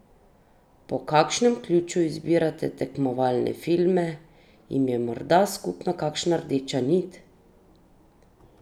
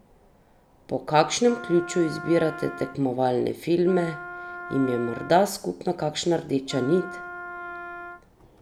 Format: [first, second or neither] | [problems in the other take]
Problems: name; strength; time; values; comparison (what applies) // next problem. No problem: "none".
first | background sound (Wind instrument, woodwind instrument); 13 dB below the speech